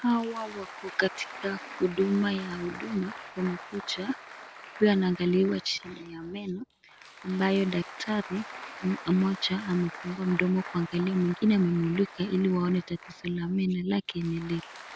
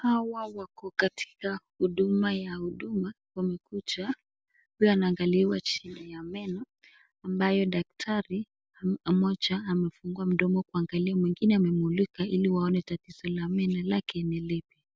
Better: second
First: background sound (Applause); 16 dB below the speech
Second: none

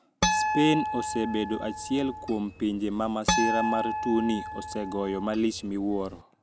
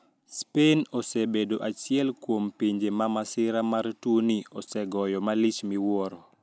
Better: second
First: background sound (Harp); 3 dB below the speech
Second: none

